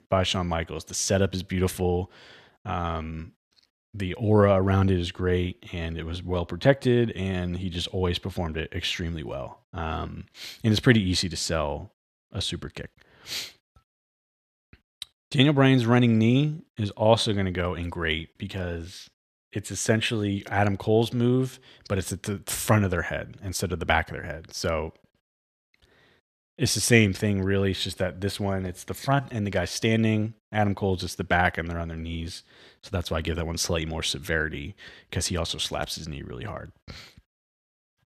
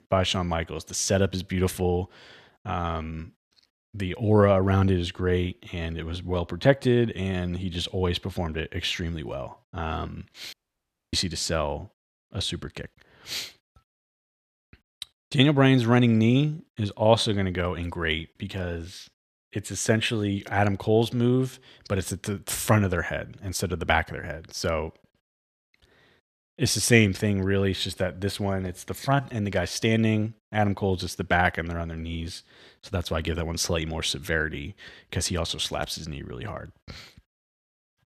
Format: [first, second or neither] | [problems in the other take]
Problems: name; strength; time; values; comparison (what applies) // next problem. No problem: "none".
first | audio cutting out; at 11 s for 0.5 s